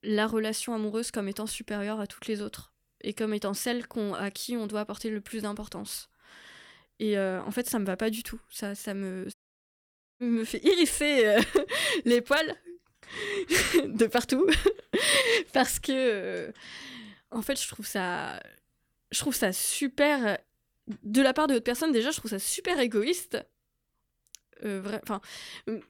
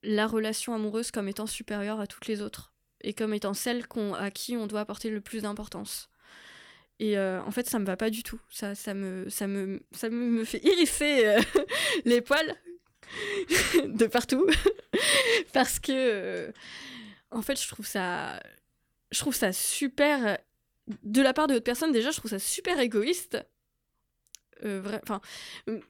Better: second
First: audio cutting out; at 9.5 s for 1 s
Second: none

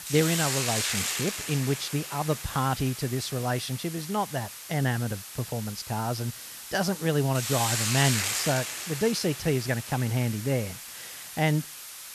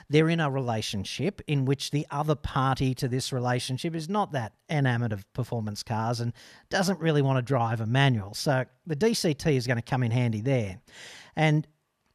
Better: second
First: hiss; loud; throughout; 4 dB below the speech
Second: none

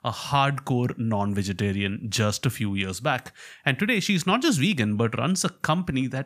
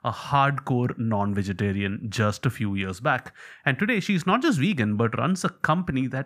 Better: first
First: none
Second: muffled; slightly; fading above 2.5 kHz

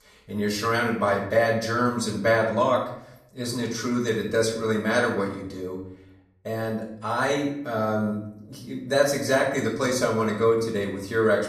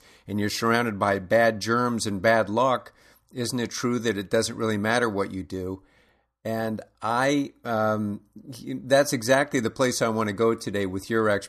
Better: second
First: room echo; noticeable; dies away in 0.6 s // off-mic speech; far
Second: none

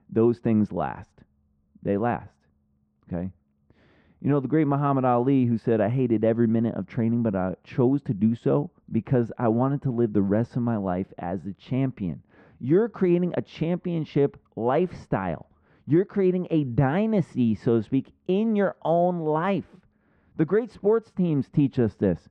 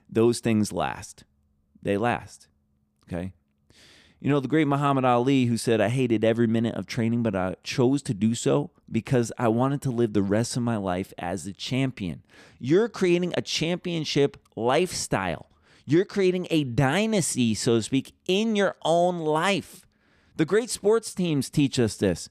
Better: second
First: muffled; very; fading above 1.5 kHz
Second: none

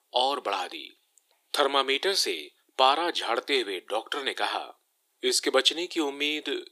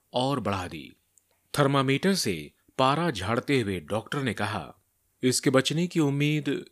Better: second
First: thin; very; fading below 350 Hz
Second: none

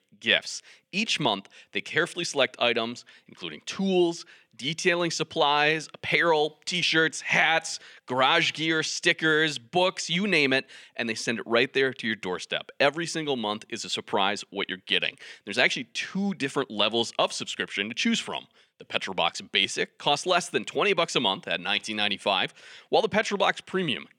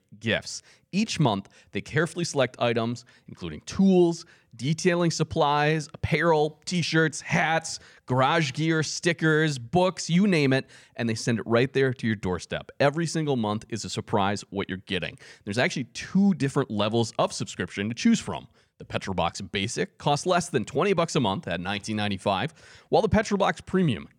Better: second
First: thin; very slightly; fading below 250 Hz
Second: none

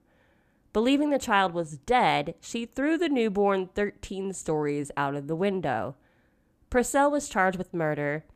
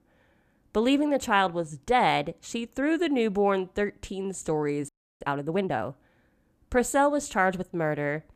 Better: first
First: none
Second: audio freezing; at 5 s

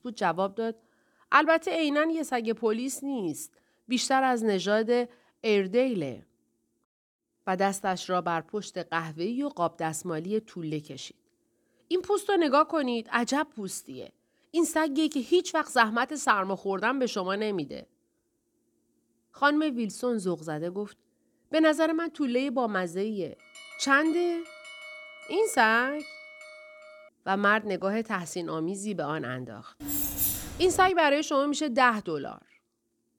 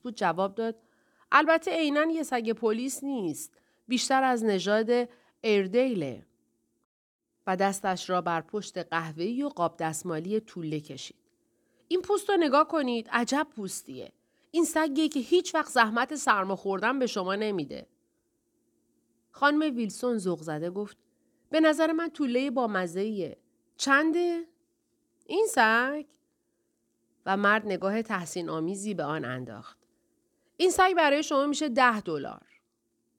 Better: second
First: alarm; faint; from 23 to 27 s; peak 15 dB below the speech // jangling keys; loud; from 30 to 31 s; peak 2 dB above the speech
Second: none

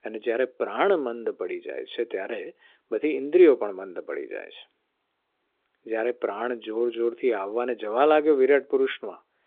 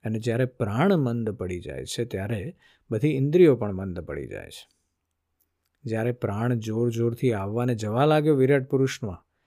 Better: second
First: phone-call audio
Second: none

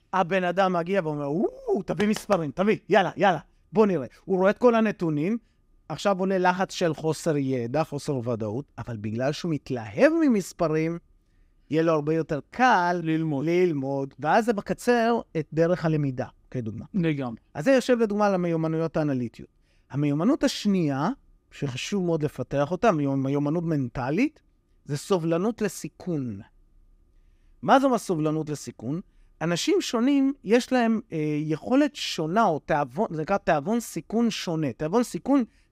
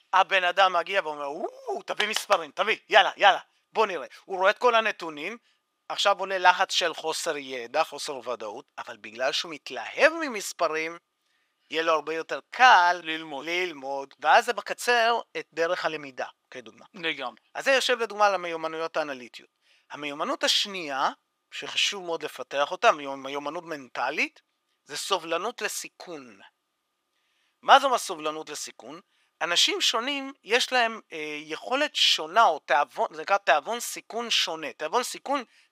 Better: first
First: none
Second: thin; very; fading below 900 Hz

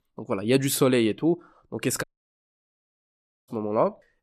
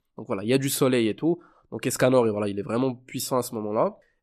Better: second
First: audio cutting out; at 2 s for 1.5 s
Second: none

